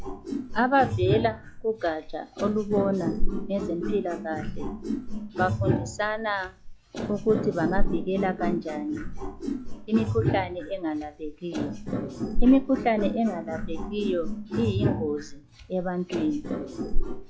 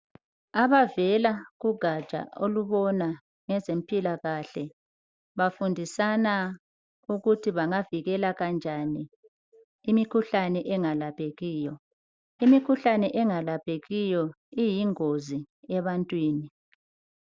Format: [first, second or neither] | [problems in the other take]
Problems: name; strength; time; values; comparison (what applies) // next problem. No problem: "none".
second | noise reduction (classical method log-MMSE)